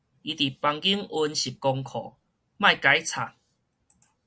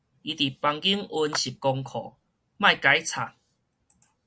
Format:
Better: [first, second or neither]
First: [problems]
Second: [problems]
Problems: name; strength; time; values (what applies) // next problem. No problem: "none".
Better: first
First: none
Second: background sound (Clapping); 15 dB below the speech